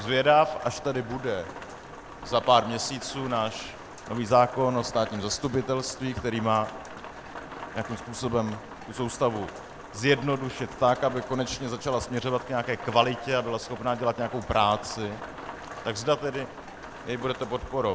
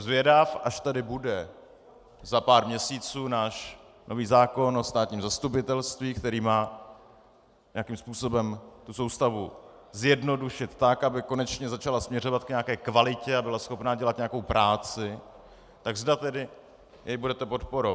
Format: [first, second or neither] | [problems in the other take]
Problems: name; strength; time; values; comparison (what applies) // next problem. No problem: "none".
second | background sound (Rain); 13 dB below the speech